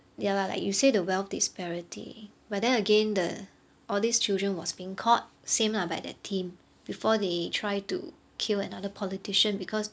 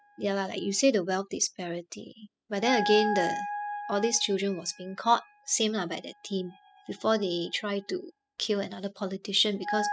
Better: first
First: none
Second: noise reduction (classical method spectral subtraction)

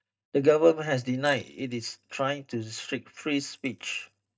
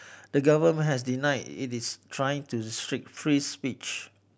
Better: second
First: noise reduction (neural mask model DeepFilterNet 3)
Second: none

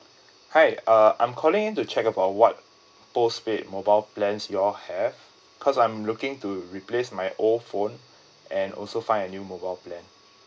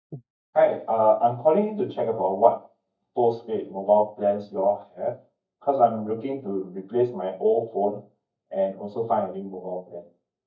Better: first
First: none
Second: noise reduction (neural mask model DeepFilterNet 3)

